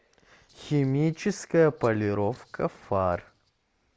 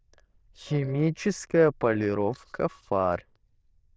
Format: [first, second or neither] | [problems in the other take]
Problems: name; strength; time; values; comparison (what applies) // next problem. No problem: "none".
first | noise reduction (neural diffusion model UNIVERSE++)